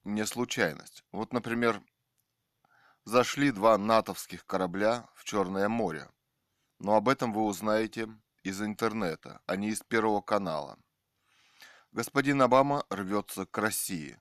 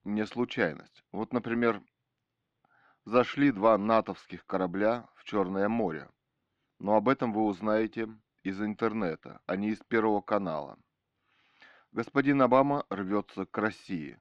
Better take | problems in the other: first | muffled; slightly; fading above 3.5 kHz

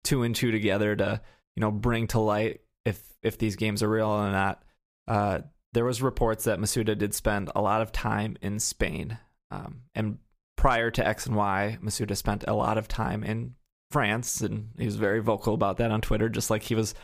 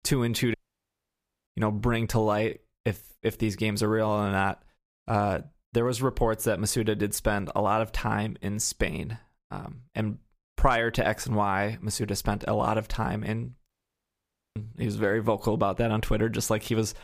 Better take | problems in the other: first | audio cutting out; at 0.5 s for 1 s and at 14 s for 1 s

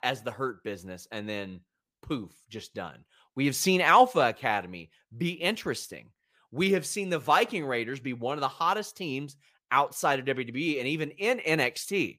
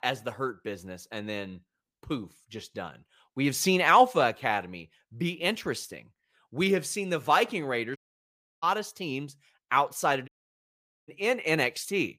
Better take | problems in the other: first | audio cutting out; at 8 s for 0.5 s and at 10 s for 1 s

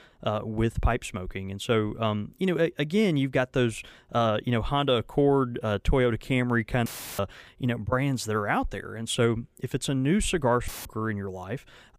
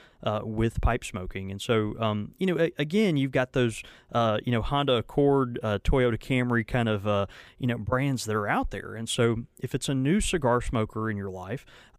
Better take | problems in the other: second | audio cutting out; filled with static; at 7 s and at 11 s

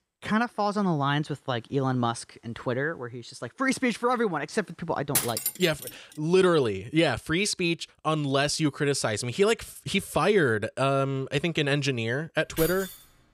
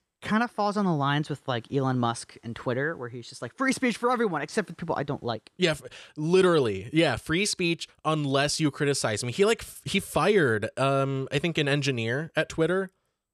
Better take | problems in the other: second | clattering dishes; loud; at 5 s; peak 1 dB above the speech // jangling keys; noticeable; at 13 s; peak 7 dB below the speech

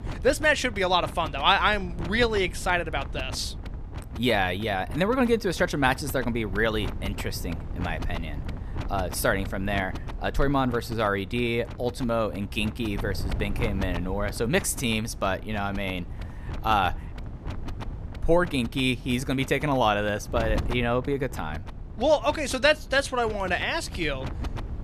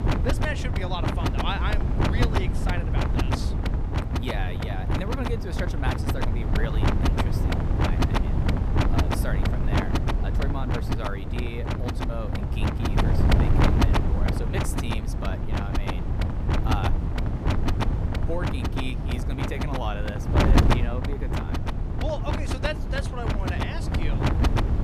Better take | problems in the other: first | wind noise on the microphone; heavy; 3 dB above the speech; occasional gusts in the first

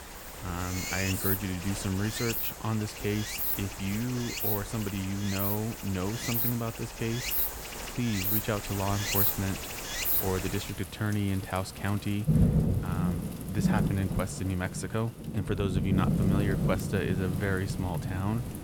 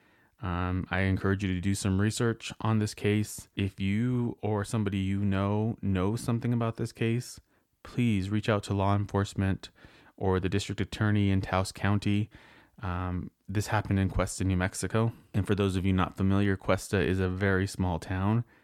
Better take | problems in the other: second | rain or running water; very loud; throughout; 2 dB above the speech

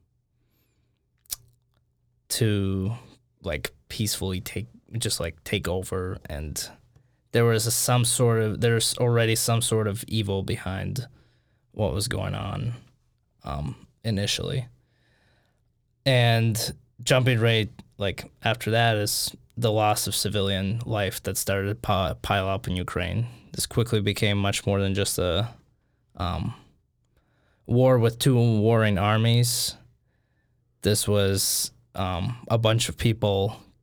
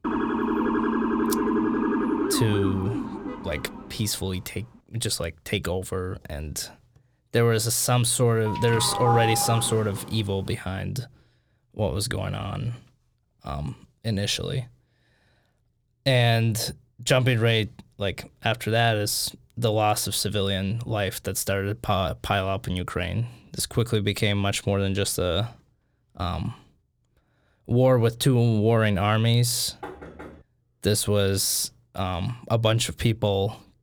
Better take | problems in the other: first | siren; loud; until 4 s; peak 1 dB above the speech // doorbell; loud; from 8.5 to 10 s; peak 1 dB above the speech // door banging; faint; at 30 s; peak 15 dB below the speech

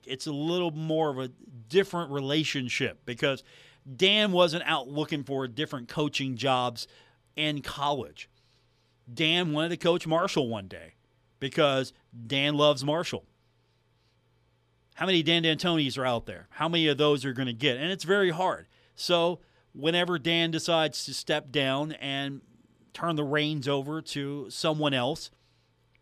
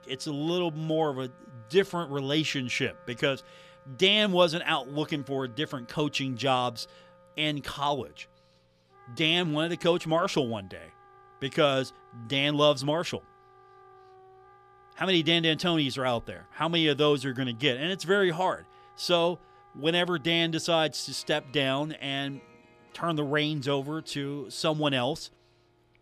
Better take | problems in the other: first | background music; faint; throughout; 30 dB below the speech

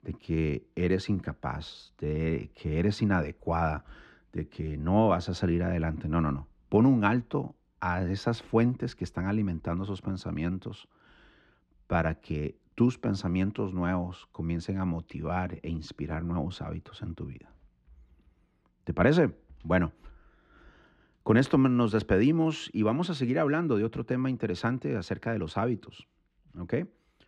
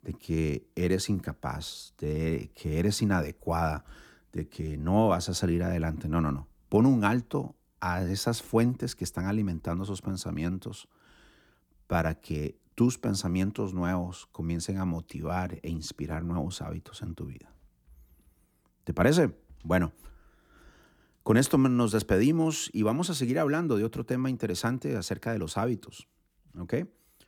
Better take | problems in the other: second | muffled; slightly; fading above 3 kHz

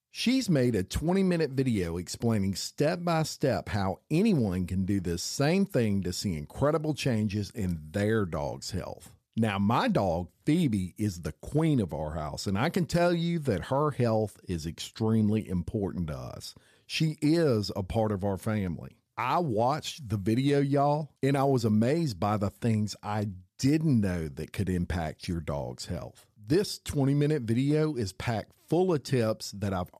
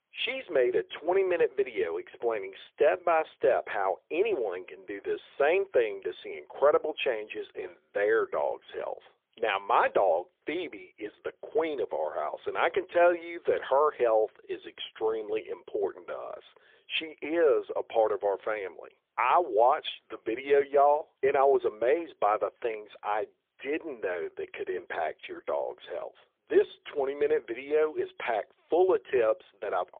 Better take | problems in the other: first | phone-call audio; poor line; nothing above 3.5 kHz

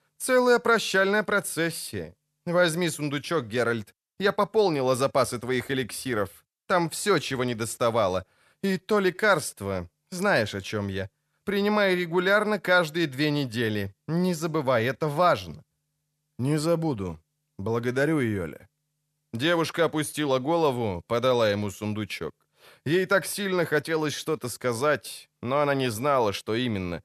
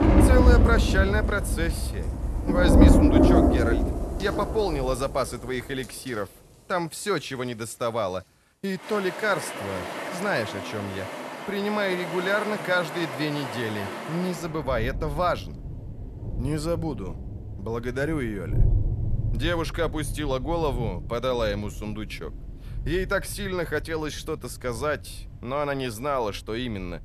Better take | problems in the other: first | rain or running water; very loud; throughout; 2 dB above the speech

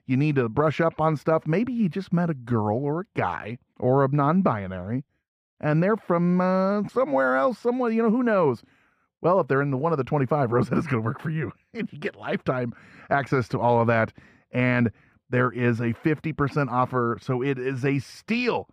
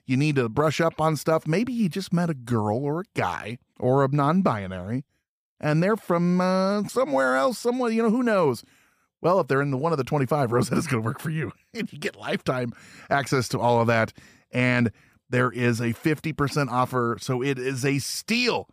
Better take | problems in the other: second | muffled; slightly; fading above 4 kHz

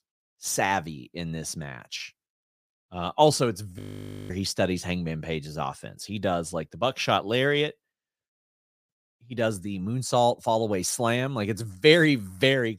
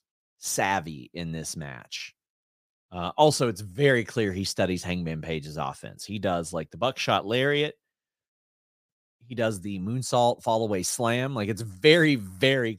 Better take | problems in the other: second | audio freezing; at 4 s for 0.5 s

